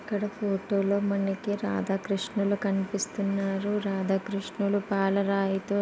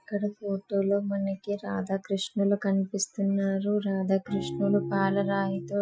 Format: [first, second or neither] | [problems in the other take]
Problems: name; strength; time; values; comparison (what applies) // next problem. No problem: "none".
first | noise reduction (classical method Wiener filter)